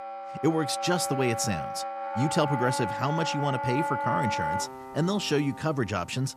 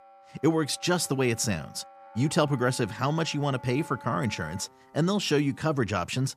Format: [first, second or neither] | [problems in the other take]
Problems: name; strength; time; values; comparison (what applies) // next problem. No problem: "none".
second | background music; loud; throughout; 4 dB below the speech; faint in the second